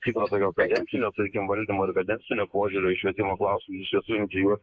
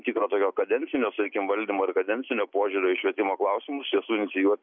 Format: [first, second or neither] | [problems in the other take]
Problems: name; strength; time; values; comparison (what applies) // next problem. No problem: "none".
second | noise reduction (neural mask model Resemble Enhance denoiser)